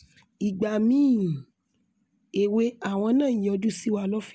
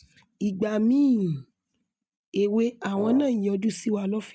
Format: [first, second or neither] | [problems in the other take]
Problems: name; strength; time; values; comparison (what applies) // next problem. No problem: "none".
first | noise reduction (neural mask model RNNoise)